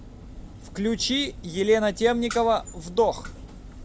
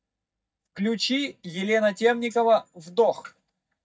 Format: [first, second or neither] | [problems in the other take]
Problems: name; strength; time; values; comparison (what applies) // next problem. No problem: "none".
first | noise reduction (neural mask model DeepFilterNet 3)